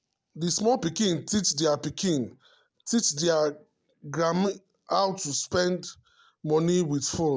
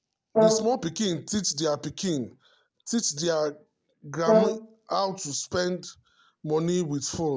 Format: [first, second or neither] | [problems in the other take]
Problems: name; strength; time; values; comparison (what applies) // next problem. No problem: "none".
first | background sound (Brass instrument); as loud as the speech